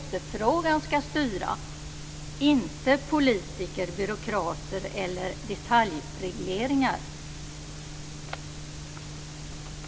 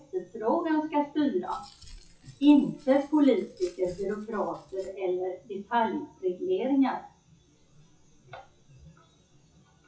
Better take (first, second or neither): first